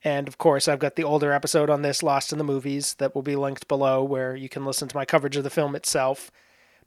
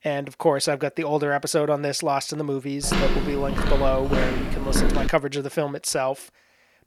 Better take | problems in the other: first | footsteps; loud; from 3 to 5 s; peak 1 dB above the speech

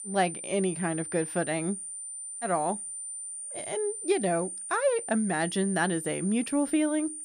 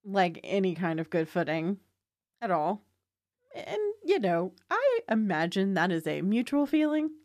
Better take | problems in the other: second | high-pitched whine; loud; throughout; 9 kHz, 7 dB below the speech

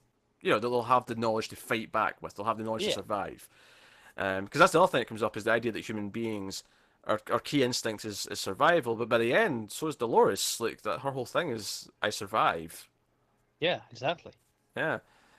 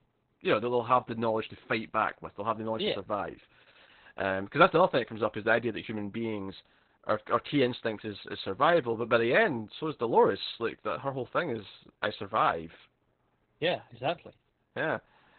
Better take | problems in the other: first | garbled, watery; badly; nothing above 4 kHz; slightly in the first

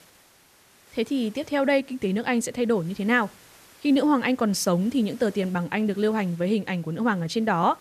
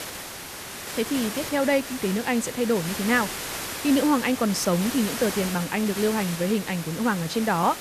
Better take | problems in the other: first | hiss; loud; throughout; 7 dB below the speech; faint in the first

